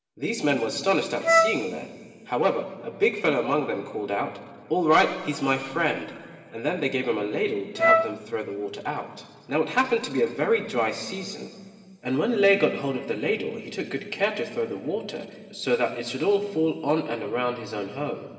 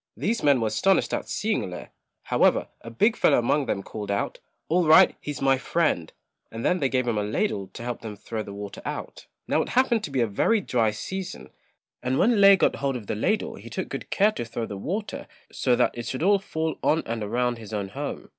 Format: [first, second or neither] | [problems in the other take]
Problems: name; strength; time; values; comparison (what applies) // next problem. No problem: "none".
second | background sound (Wind instrument, woodwind instrument); 3 dB above the speech // room echo; dies away in 2.7 s